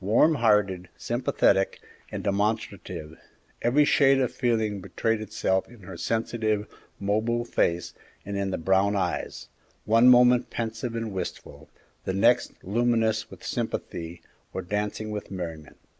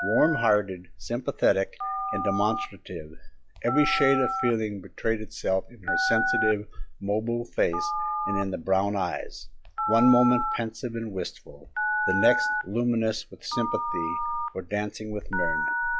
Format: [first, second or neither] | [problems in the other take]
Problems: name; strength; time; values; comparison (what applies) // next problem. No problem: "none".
first | noise reduction (classical method log-MMSE)